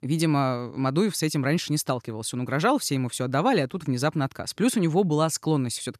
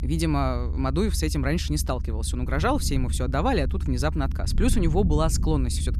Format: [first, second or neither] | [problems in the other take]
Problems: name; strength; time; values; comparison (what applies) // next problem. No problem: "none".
first | low rumble; noticeable; throughout; 15 dB below the speech